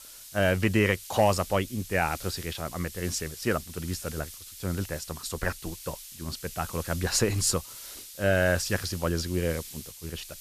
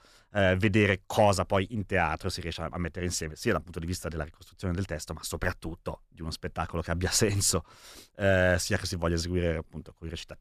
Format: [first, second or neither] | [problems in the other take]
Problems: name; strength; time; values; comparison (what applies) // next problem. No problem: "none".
second | hiss; noticeable; throughout; 15 dB below the speech